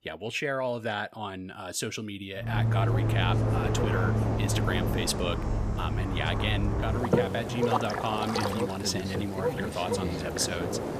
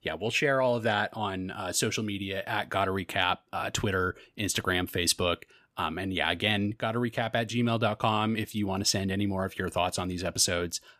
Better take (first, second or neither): second